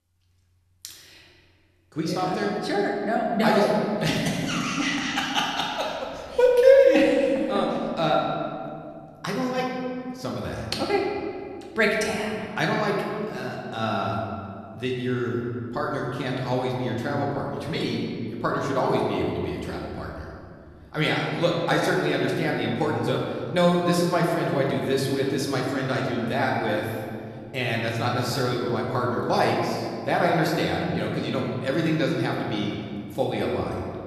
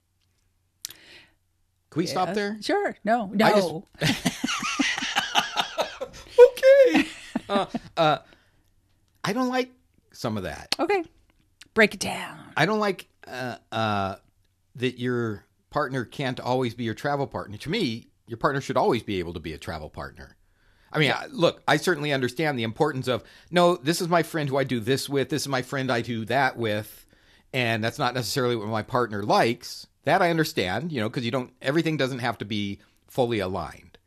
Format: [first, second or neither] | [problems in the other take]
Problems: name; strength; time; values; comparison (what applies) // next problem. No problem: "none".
second | room echo; noticeable; dies away in 2.2 s // off-mic speech; somewhat distant